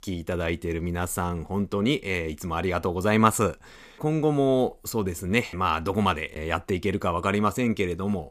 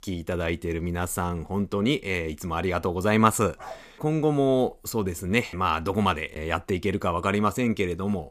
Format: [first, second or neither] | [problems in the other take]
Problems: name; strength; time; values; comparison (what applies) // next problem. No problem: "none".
first | dog barking; faint; at 3.5 s; peak 15 dB below the speech